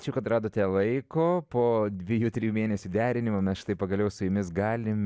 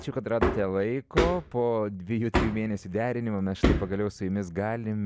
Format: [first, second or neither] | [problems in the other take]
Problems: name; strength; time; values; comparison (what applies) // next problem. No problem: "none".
first | background sound (Hammer); 3 dB below the speech